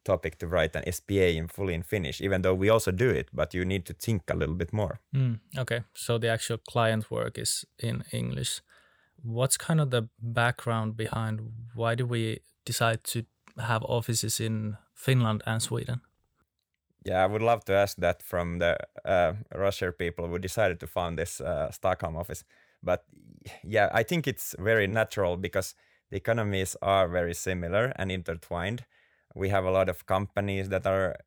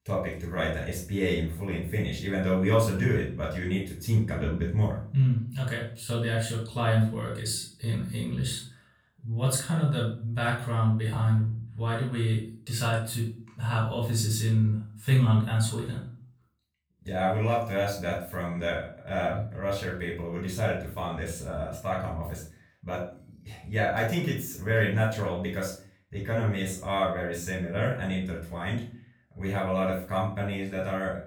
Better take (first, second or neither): first